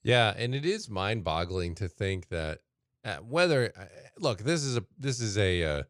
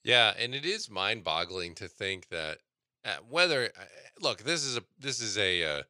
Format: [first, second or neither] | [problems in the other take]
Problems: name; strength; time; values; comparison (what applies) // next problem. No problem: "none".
first | thin; somewhat; fading below 500 Hz